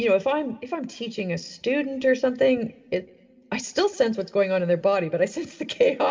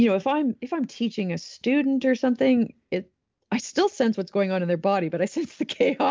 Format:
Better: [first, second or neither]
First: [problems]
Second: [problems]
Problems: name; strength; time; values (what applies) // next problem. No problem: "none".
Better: second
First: room echo; dies away in 0.9 s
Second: none